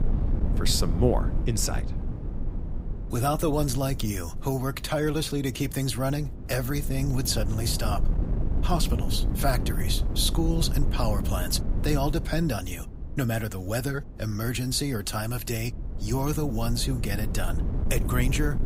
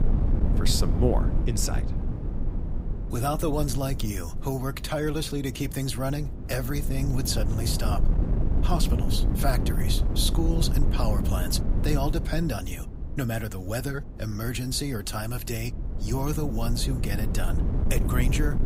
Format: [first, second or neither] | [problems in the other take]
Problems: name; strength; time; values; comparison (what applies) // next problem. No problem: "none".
first | wind noise on the microphone; heavy; 8 dB below the speech; occasional gusts in the first